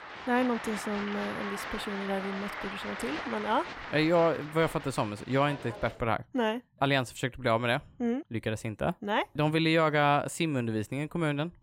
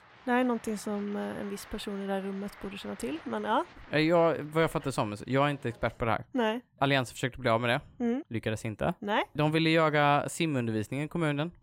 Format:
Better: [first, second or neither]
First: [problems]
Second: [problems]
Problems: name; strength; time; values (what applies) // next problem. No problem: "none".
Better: second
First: crowd noise; loud; until 6 s; 9 dB below the speech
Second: crowd noise; faint; until 6 s; 20 dB below the speech